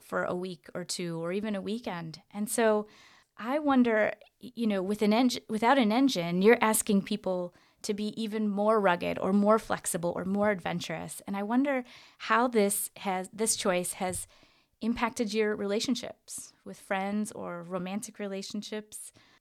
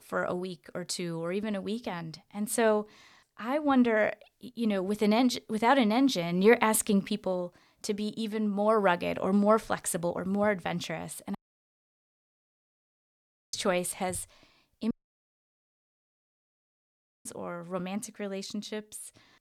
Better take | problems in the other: first | audio cutting out; at 11 s for 2 s and at 15 s for 2.5 s

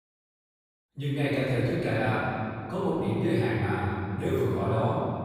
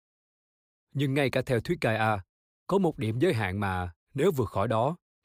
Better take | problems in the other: second | off-mic speech; far // room echo; strong; dies away in 2.5 s

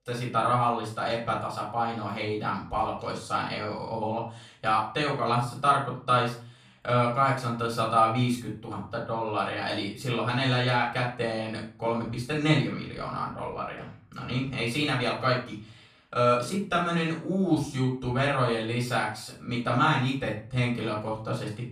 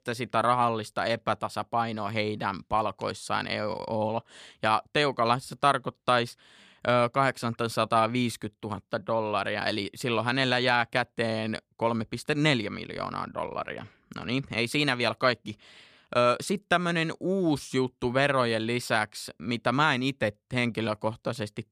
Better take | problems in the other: second | off-mic speech; far // room echo; slight; dies away in 0.4 s

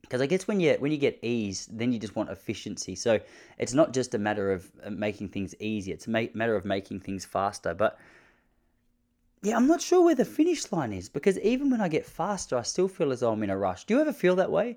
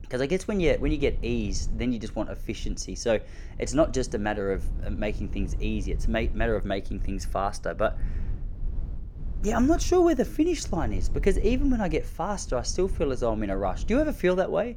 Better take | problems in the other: first | low rumble; faint; throughout; 25 dB below the speech

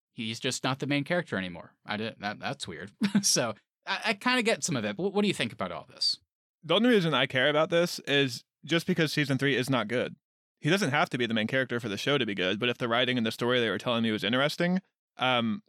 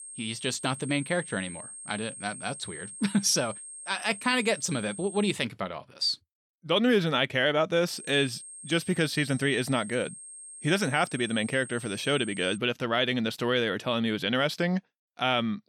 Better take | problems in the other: first | high-pitched whine; noticeable; until 5.5 s and from 8 to 13 s; 8.5 kHz, 15 dB below the speech

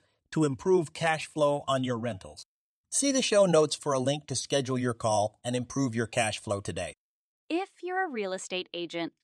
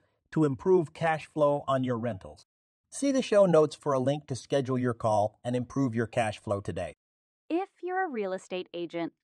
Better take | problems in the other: first | muffled; slightly; fading above 2.5 kHz

